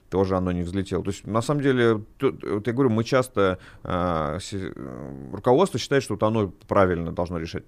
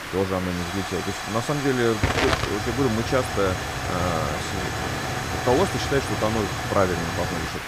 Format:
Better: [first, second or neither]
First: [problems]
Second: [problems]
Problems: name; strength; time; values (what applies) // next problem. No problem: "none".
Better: first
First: none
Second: hiss; loud; throughout; 1 dB below the speech